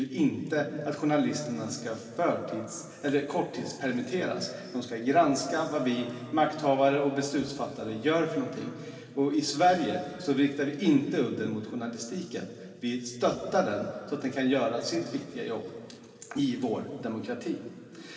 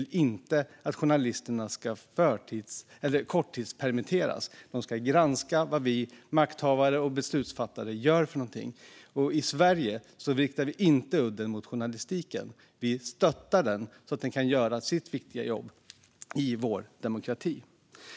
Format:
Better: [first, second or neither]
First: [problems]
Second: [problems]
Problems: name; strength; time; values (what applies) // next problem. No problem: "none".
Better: second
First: room echo; dies away in 2.5 s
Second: none